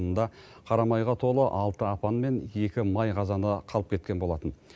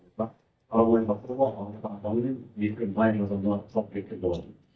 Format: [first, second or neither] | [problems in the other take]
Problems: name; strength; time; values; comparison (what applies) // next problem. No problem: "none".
first | noise reduction (neural mask model DeepFilterNet 3)